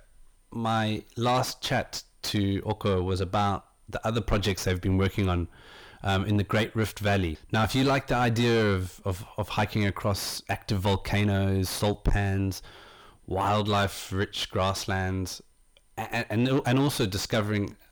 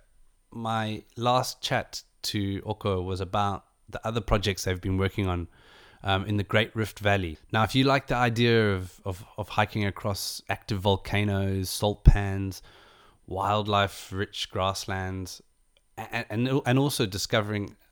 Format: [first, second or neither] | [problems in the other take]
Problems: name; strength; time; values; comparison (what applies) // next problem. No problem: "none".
second | distortion; heavy; 6 dB below the speech